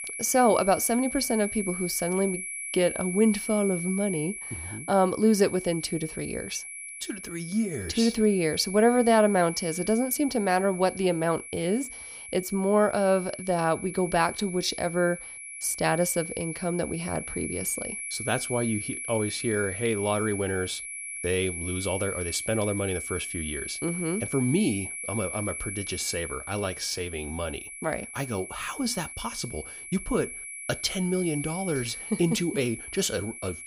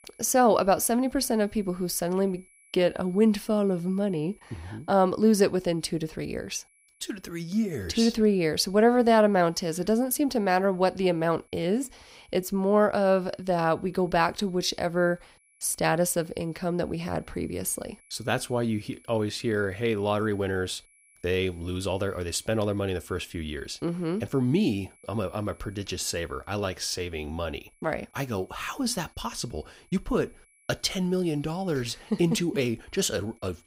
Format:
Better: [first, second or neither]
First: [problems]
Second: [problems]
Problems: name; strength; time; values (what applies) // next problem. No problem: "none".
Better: second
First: high-pitched whine; loud; throughout; 2.5 kHz, 8 dB below the speech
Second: high-pitched whine; faint; throughout; 2.5 kHz, 30 dB below the speech